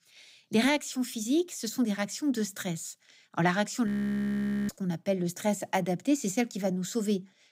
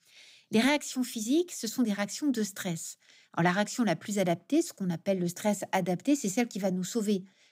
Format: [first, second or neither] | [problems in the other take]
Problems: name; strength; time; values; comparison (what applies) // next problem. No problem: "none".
second | audio freezing; at 4 s for 1 s